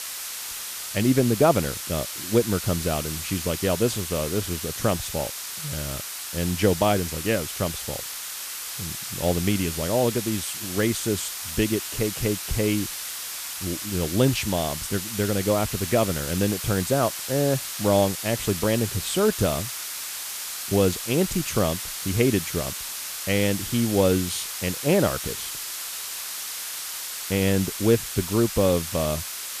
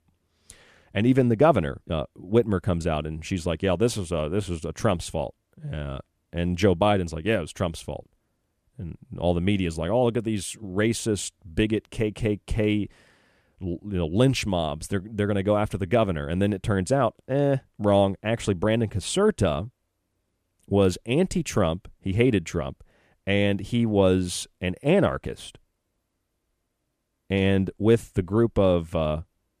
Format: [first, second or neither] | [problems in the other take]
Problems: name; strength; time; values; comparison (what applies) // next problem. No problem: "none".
second | hiss; loud; throughout; 5 dB below the speech